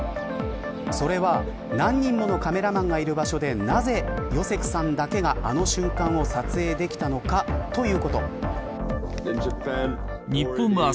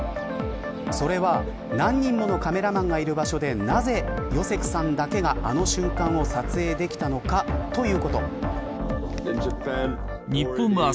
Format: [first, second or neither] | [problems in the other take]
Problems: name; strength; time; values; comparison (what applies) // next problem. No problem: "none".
first | background sound (Wind instrument, woodwind instrument); 15 dB below the speech